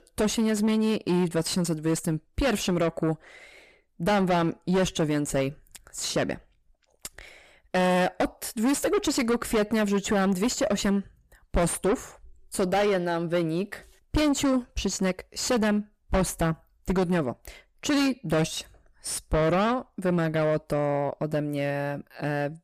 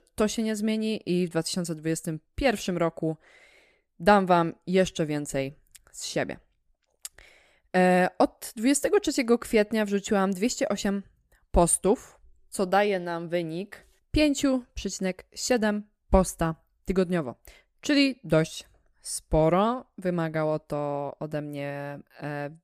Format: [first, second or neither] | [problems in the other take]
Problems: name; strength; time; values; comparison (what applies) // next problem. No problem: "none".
second | distortion; heavy; 5 dB below the speech